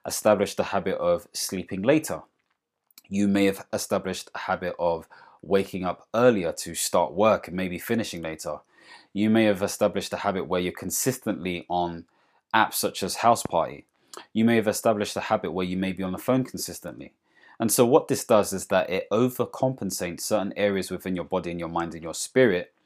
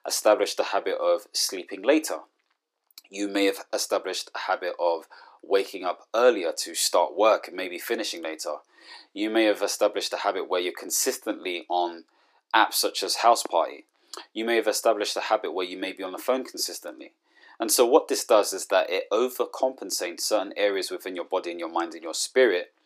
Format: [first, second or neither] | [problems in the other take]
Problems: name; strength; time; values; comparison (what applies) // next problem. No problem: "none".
first | thin; somewhat; fading below 300 Hz